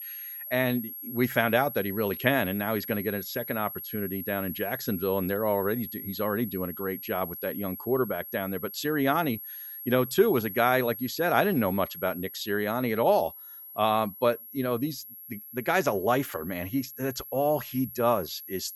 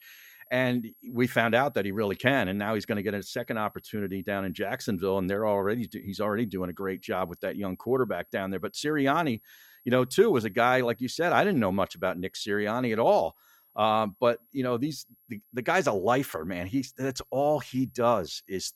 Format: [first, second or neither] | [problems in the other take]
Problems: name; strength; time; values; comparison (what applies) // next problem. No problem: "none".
second | high-pitched whine; loud; throughout; 11.5 kHz, 10 dB below the speech; faint in the second